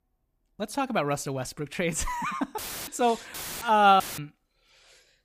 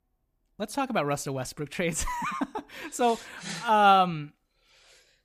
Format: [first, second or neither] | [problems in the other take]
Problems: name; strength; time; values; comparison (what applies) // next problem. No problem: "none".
second | audio cutting out; filled with static; at 2.5 s, at 3.5 s and at 4 s